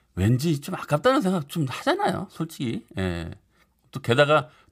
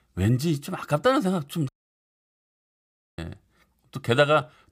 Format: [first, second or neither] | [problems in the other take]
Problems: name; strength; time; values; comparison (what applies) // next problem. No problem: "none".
first | audio cutting out; at 1.5 s for 1.5 s